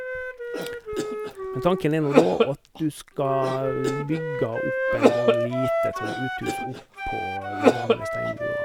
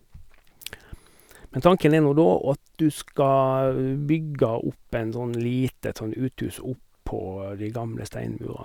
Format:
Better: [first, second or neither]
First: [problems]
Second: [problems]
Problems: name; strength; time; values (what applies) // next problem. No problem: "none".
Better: second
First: background sound (Cough + Wind instrument, woodwind instrument); 3 dB above the speech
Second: none